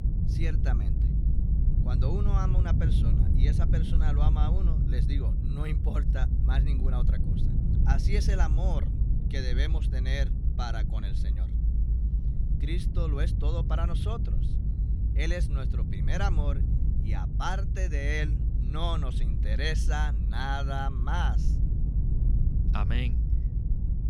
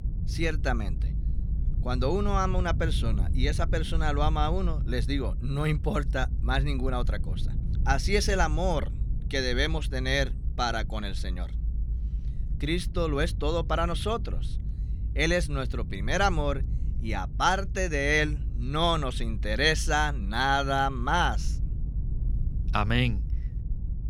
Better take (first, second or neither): second